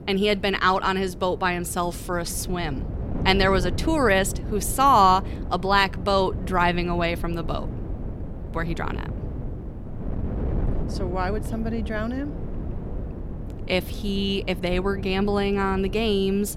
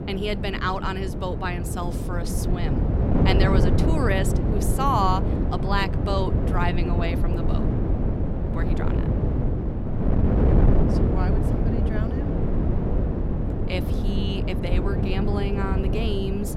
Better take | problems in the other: first | wind noise on the microphone; heavy; 3 dB below the speech; occasional gusts in the first

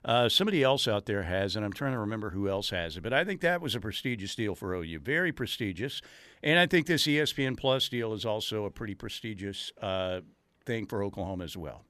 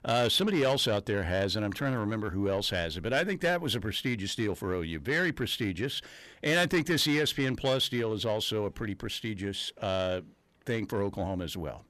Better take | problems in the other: first | distortion; slight; 10 dB below the speech

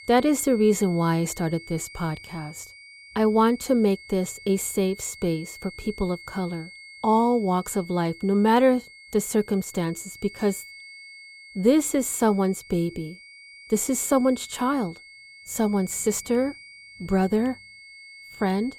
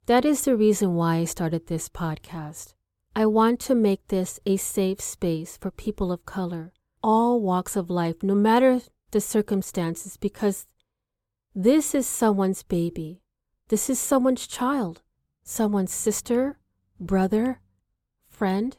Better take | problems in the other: second | high-pitched whine; noticeable; throughout; 2 kHz, 20 dB below the speech

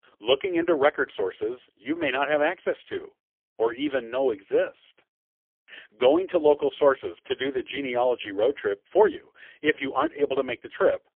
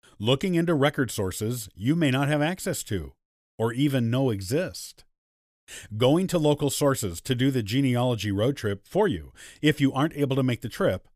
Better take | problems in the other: second | phone-call audio; poor line; nothing above 3.5 kHz

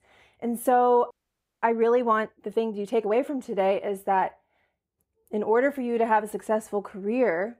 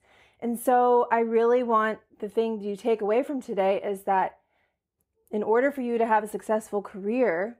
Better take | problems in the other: second | audio freezing; at 1 s for 0.5 s

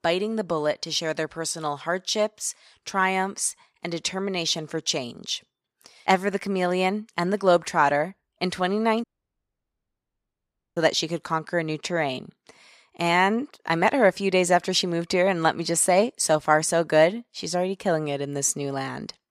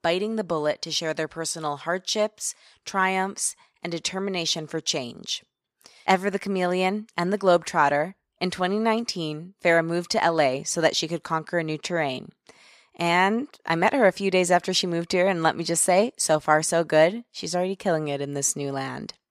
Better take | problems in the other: second | audio cutting out; at 9 s for 1.5 s

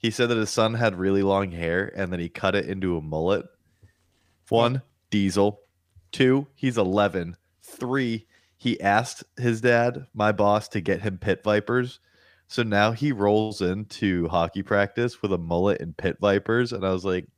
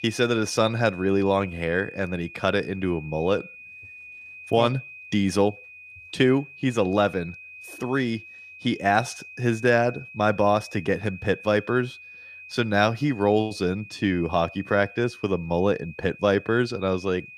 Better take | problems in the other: first | high-pitched whine; noticeable; throughout; 2.5 kHz, 15 dB below the speech

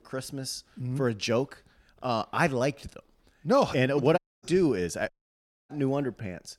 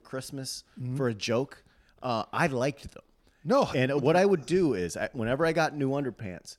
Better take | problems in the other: second | audio cutting out; at 4 s and at 5 s for 0.5 s

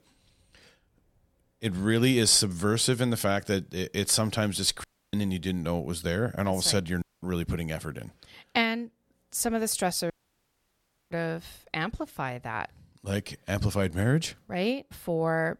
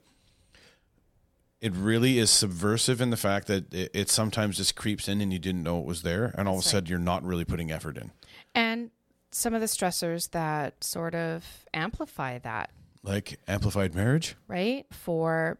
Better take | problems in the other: second | audio cutting out; at 5 s, at 7 s and at 10 s for 1 s

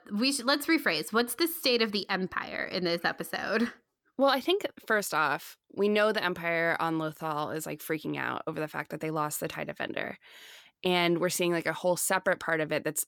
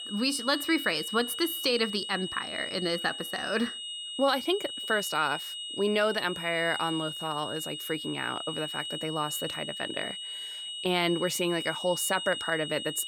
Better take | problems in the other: first | high-pitched whine; loud; throughout; 3 kHz, 5 dB below the speech

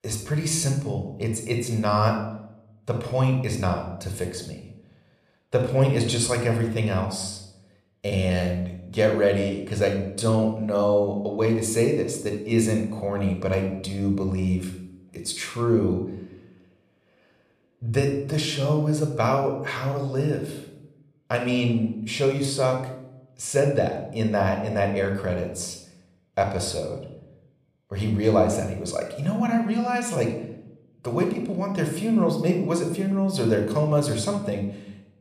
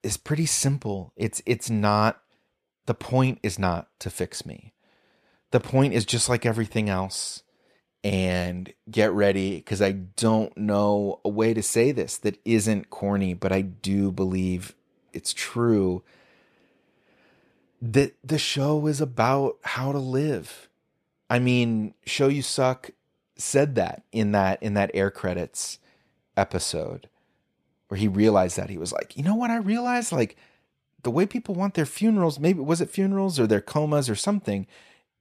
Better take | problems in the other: second | room echo; slight; dies away in 0.7 s

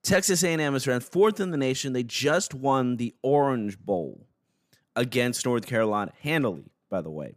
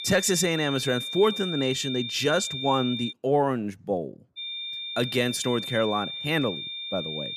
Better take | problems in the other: first | high-pitched whine; loud; until 3 s and from 4.5 s on; 3.5 kHz, 5 dB below the speech

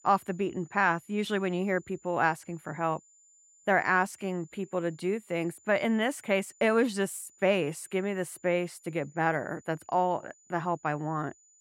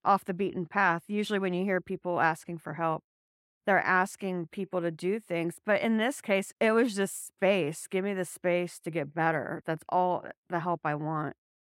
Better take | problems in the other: second | high-pitched whine; faint; throughout; 7 kHz, 30 dB below the speech

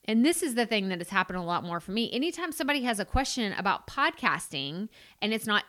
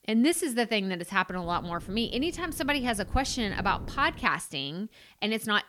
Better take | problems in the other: first | wind noise on the microphone; occasional gusts; from 1.5 to 4.5 s; 25 dB below the speech

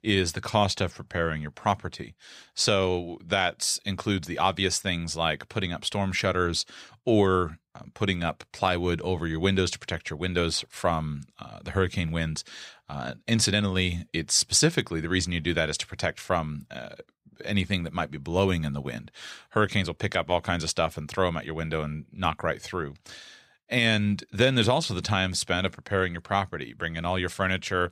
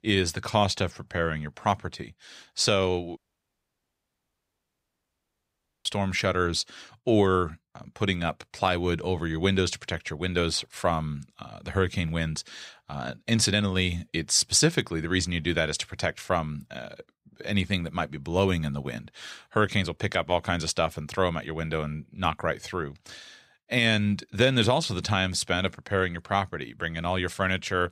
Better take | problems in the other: first | audio cutting out; at 3 s for 2.5 s

